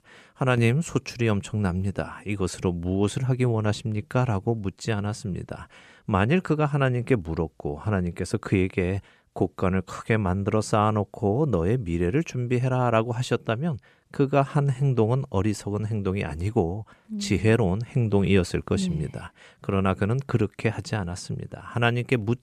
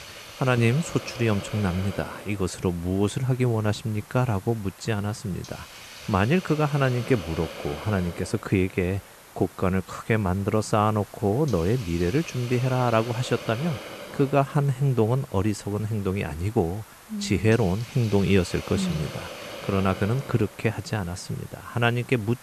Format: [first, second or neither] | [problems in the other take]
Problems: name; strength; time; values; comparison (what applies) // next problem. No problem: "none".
first | hiss; noticeable; throughout; 15 dB below the speech